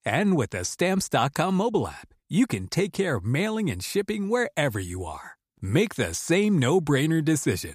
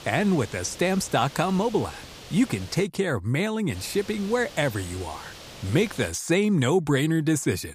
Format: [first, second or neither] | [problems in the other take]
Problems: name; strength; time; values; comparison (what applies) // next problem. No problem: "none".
first | hiss; noticeable; until 3 s and from 3.5 to 6 s; 15 dB below the speech